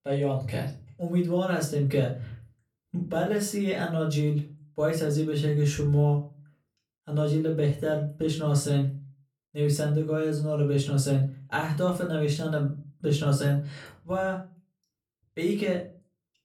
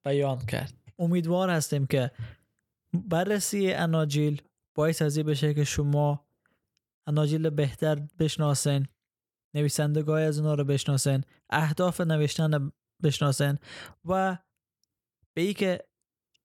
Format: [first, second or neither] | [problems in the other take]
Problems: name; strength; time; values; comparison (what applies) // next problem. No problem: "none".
second | off-mic speech; far // room echo; slight; dies away in 0.3 s